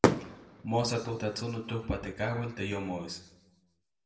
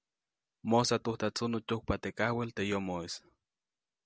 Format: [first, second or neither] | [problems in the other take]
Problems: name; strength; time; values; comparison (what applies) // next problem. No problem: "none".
second | background sound (Fireworks); as loud as the speech // room echo; dies away in 0.7 s